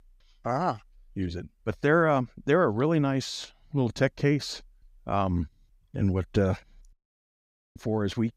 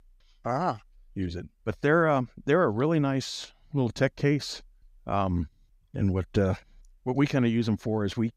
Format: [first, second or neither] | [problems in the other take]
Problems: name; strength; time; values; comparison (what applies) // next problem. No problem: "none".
second | audio cutting out; at 7 s for 1 s